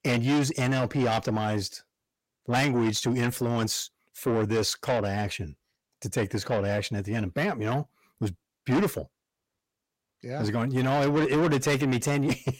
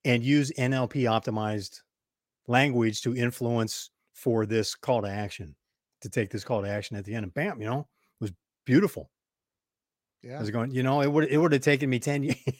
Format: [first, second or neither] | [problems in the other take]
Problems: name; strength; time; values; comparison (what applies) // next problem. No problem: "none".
second | distortion; heavy; 6 dB below the speech